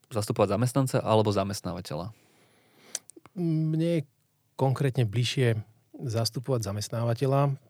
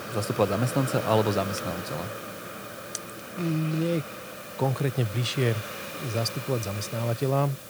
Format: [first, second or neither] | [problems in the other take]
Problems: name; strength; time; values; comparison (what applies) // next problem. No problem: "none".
first | hiss; loud; throughout; 8 dB below the speech